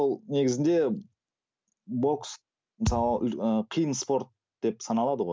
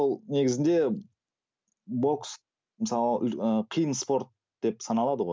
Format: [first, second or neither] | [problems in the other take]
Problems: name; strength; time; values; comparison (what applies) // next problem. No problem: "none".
second | background sound (Thump, thud); 6 dB below the speech